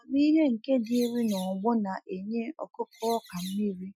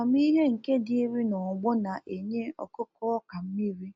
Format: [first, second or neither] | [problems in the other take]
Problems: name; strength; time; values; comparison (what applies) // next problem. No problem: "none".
second | noise reduction (classical method Wiener filter)